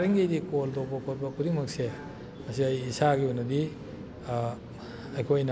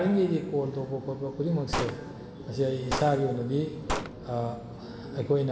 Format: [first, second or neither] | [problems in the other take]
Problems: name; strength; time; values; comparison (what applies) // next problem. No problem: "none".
first | background sound (Gunshot, gunfire); 8 dB below the speech // room echo; dies away in 1.1 s